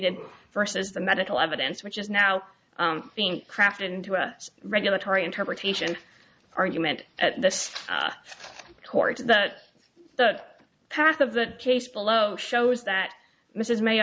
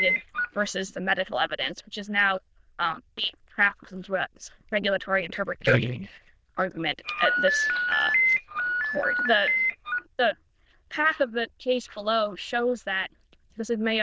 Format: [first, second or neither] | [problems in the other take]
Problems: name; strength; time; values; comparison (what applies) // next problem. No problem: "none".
first | noise reduction (neural diffusion model UNIVERSE++)